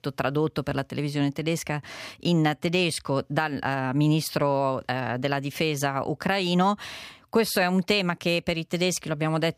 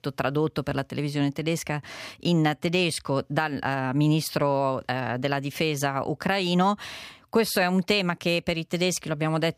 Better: neither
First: none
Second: none

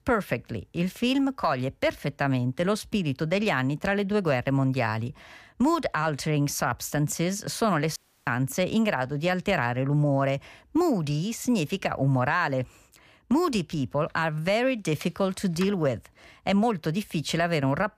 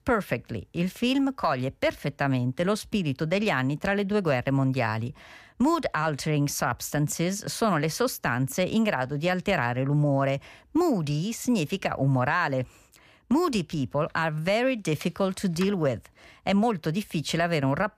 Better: second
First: audio cutting out; at 8 s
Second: none

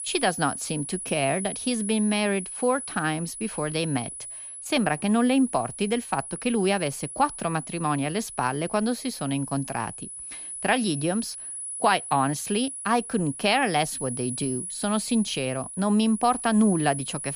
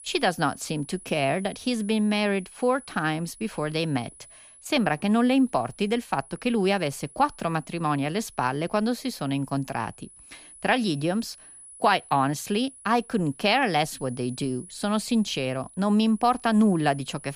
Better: second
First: high-pitched whine; loud; throughout; 10 kHz, 8 dB below the speech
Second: high-pitched whine; faint; throughout; 10 kHz, 20 dB below the speech

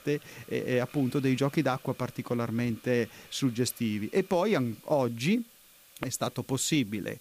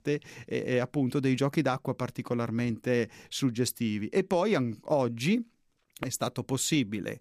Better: second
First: hiss; faint; throughout; 25 dB below the speech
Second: none

